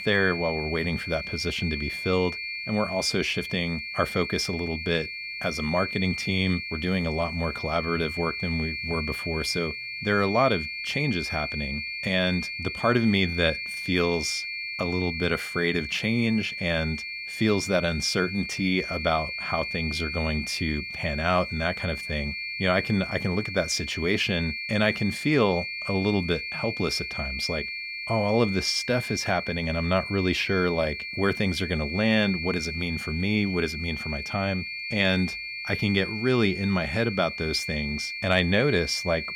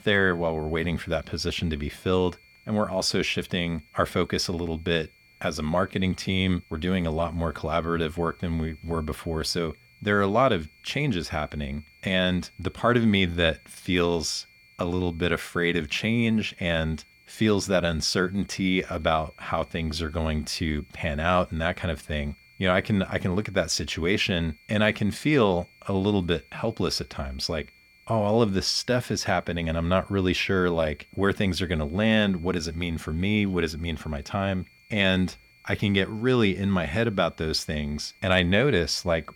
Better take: second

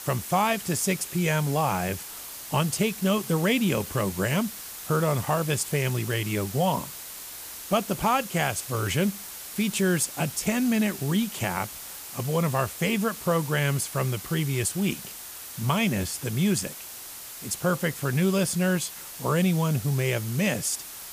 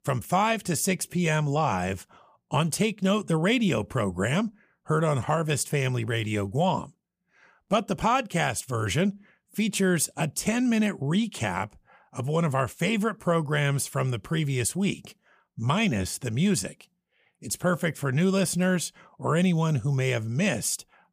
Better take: second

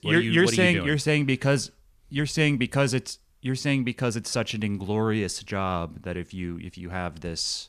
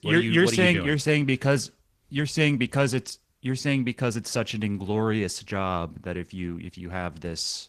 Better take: first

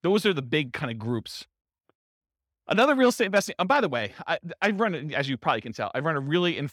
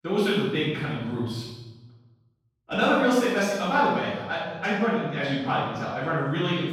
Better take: first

